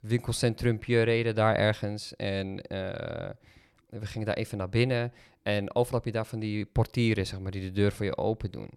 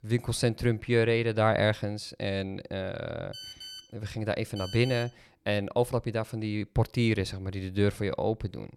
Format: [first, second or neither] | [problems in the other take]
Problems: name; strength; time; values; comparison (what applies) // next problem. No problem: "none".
first | phone ringing; faint; from 3.5 to 5 s; peak 10 dB below the speech